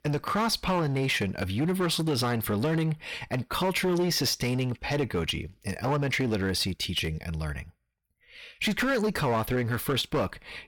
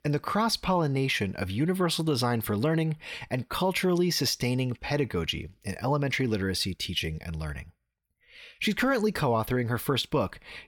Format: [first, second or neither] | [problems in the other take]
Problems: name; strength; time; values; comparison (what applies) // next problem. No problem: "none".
second | distortion; slight; 11% of the sound clipped